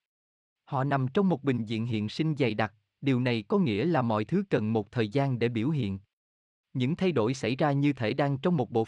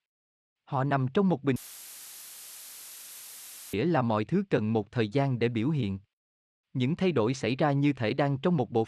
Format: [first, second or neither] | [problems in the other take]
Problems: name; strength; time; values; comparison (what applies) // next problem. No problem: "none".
first | audio cutting out; filled with static; at 1.5 s for 2 s